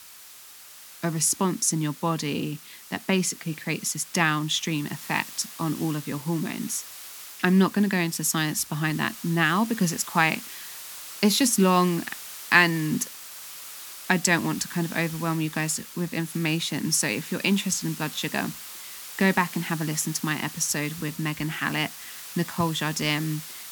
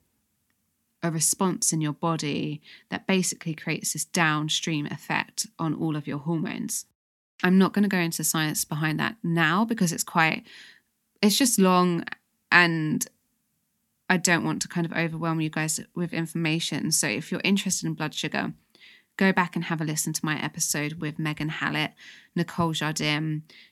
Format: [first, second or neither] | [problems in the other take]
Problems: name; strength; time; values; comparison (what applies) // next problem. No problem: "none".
second | hiss; noticeable; throughout; 15 dB below the speech